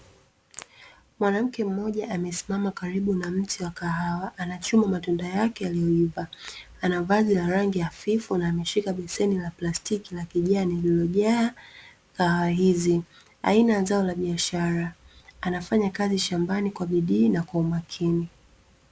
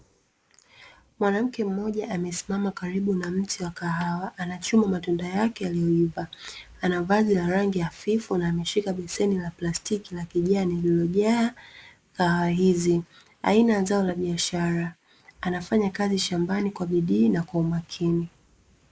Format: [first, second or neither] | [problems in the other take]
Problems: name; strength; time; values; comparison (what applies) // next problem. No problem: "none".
first | noise reduction (neural mask model Resemble Enhance denoiser)